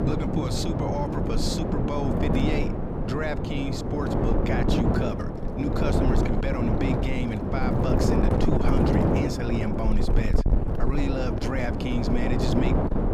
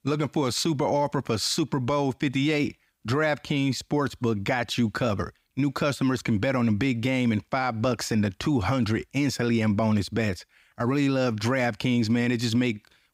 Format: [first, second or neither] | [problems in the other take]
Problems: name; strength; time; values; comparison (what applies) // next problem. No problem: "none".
second | wind noise on the microphone; heavy; 3 dB above the speech